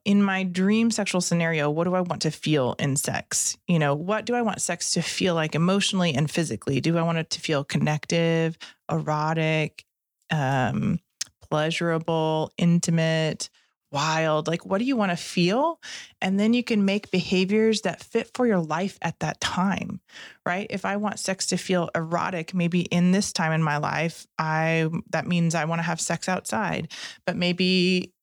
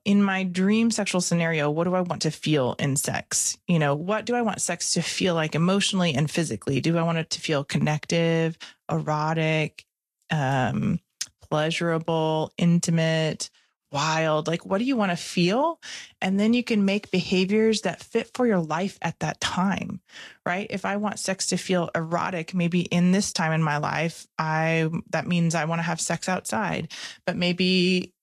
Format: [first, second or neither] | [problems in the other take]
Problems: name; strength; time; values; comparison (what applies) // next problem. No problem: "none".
first | garbled, watery; slightly; nothing above 11.5 kHz